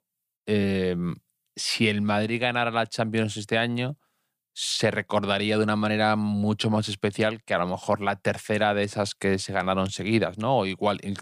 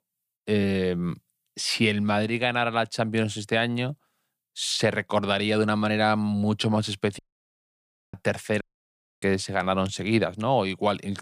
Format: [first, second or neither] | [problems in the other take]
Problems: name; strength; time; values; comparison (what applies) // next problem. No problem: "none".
first | audio cutting out; at 7 s for 1 s and at 8.5 s for 0.5 s